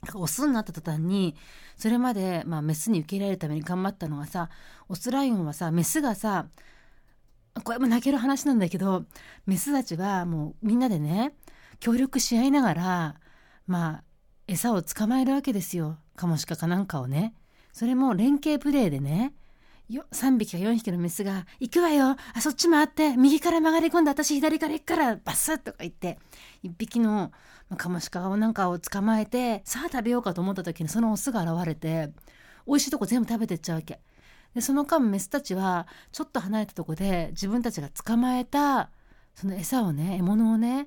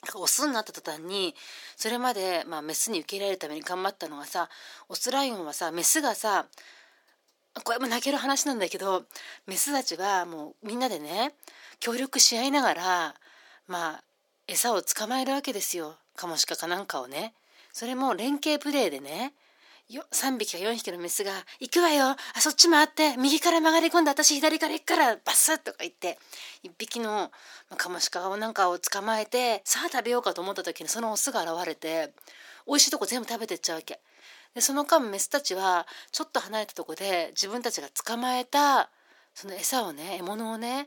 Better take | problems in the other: first | thin; somewhat; fading below 350 Hz

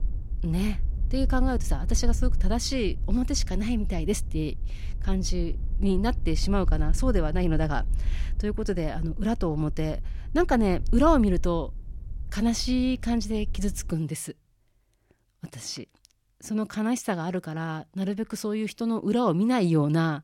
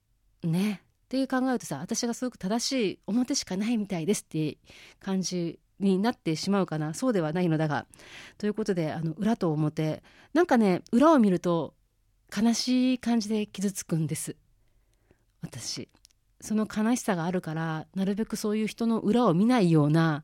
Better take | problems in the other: second | wind noise on the microphone; occasional gusts; until 14 s; 20 dB below the speech

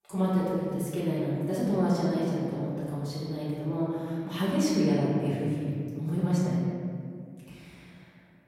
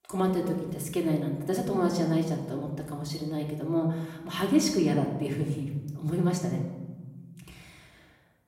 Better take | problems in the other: second | room echo; strong; dies away in 2.2 s; slight in the second // off-mic speech; far; far in the second

